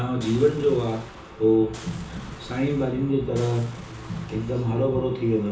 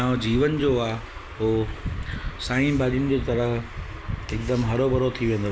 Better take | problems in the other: second | background sound (Boom); 20 dB below the speech // room echo; dies away in 0.7 s

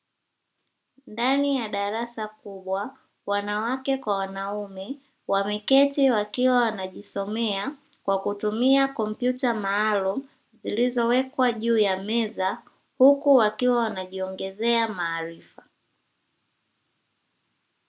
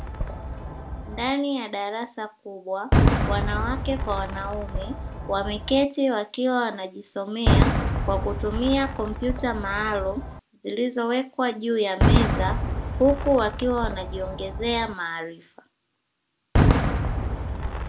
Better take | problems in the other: first | background sound (Fireworks); 1 dB above the speech

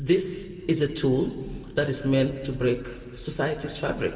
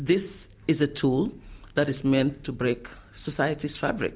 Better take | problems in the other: second | room echo; dies away in 2.7 s

